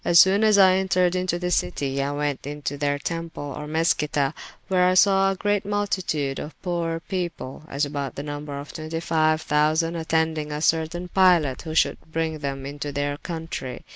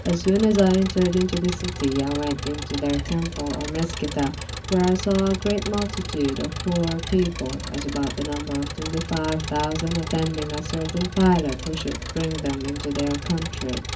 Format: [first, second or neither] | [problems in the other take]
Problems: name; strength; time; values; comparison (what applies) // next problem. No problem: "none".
first | background sound (Engine); 7 dB below the speech // room echo; dies away in 0.4 s